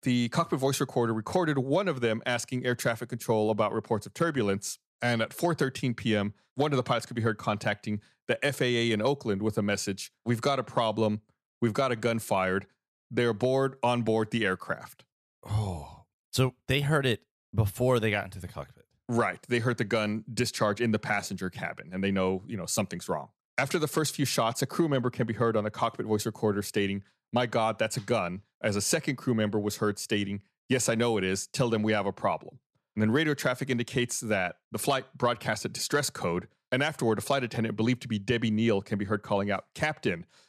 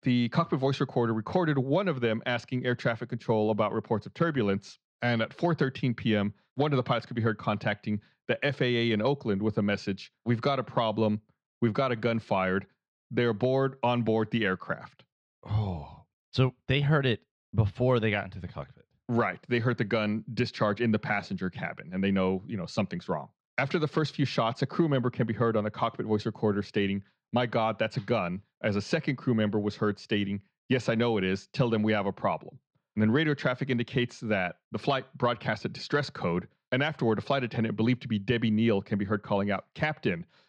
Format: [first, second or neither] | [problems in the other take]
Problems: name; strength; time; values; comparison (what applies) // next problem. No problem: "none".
first | muffled; slightly; fading above 4.5 kHz